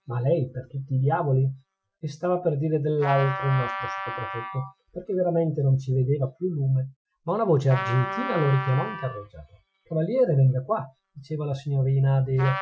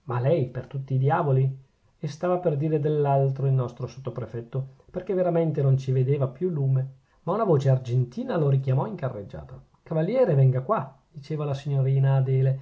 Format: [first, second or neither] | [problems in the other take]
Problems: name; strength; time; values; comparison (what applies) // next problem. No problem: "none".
second | noise reduction (classical method Wiener filter)